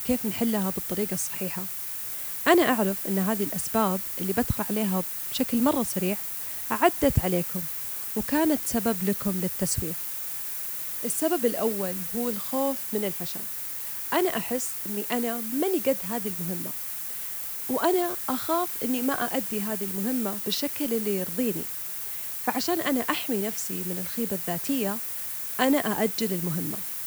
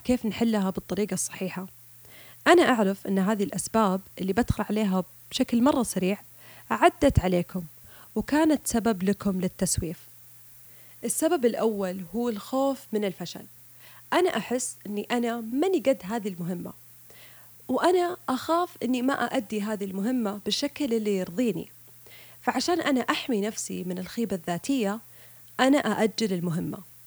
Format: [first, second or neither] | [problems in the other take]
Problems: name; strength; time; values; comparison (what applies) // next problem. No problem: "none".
second | hiss; loud; throughout; 2 dB below the speech; faint in the second